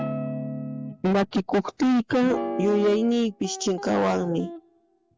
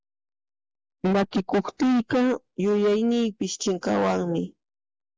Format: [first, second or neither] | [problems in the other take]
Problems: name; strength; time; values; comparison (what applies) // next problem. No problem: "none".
second | background sound (Guitar); 9 dB below the speech